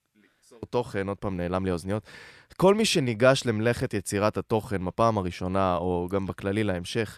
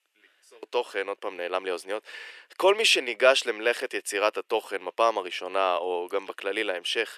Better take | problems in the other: first | thin; very; fading below 350 Hz

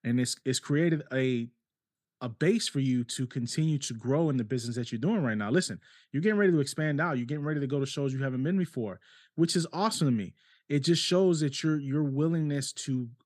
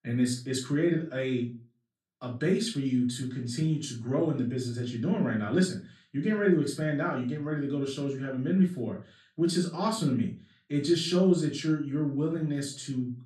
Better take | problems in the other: first | off-mic speech; far // room echo; slight; dies away in 0.3 s

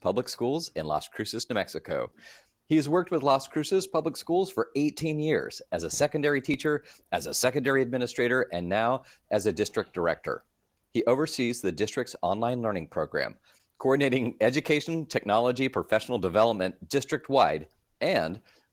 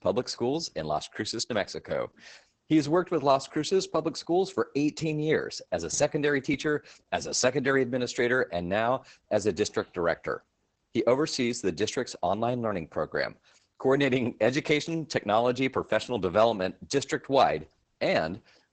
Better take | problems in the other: first | garbled, watery; badly; nothing above 8 kHz; slightly in the first

